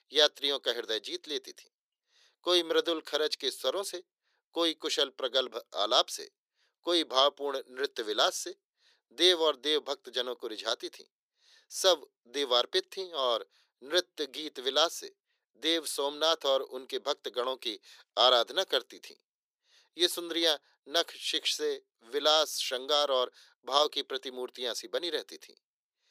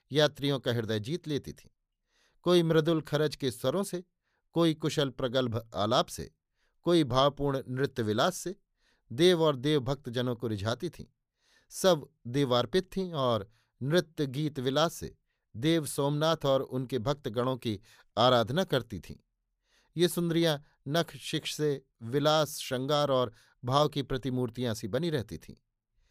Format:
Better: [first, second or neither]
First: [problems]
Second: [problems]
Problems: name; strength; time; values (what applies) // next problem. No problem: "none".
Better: second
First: thin; very; fading below 350 Hz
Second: none